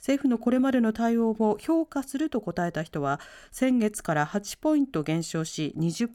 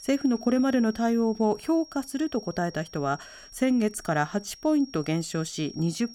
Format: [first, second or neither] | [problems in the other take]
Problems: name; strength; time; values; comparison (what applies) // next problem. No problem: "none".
first | high-pitched whine; noticeable; throughout; 5.5 kHz, 20 dB below the speech